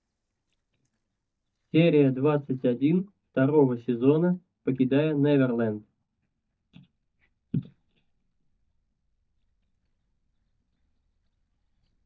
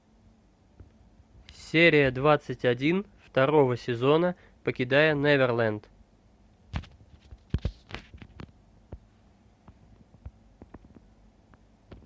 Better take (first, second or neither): second